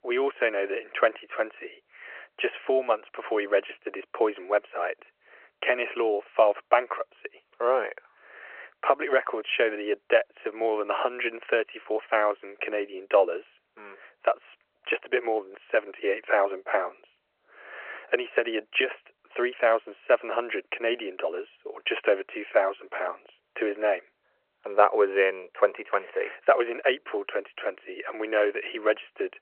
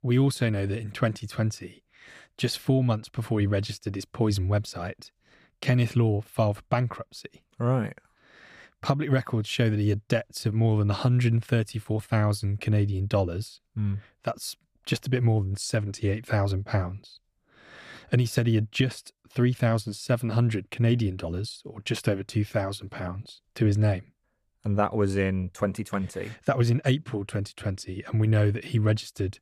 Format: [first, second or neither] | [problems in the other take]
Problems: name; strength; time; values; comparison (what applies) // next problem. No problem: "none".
second | phone-call audio